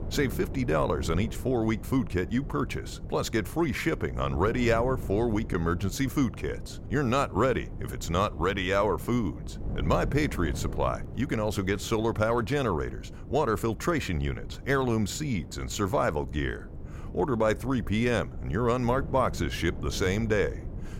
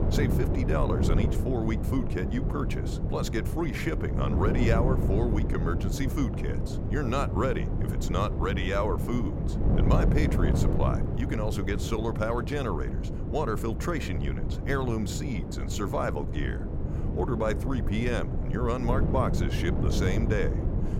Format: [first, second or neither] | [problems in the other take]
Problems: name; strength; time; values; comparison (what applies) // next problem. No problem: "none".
first | wind noise on the microphone; heavy; 5 dB below the speech; occasional gusts in the first